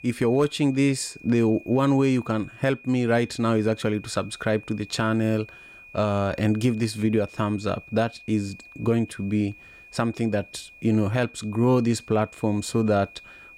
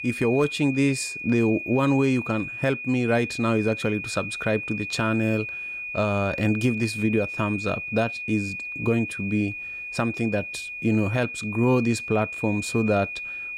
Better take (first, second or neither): first